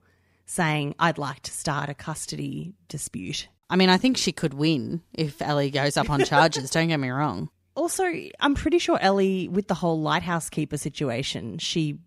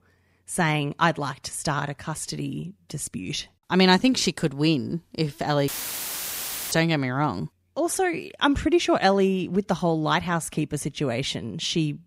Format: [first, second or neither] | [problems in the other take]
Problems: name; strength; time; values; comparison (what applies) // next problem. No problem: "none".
first | audio cutting out; filled with static; at 5.5 s for 1 s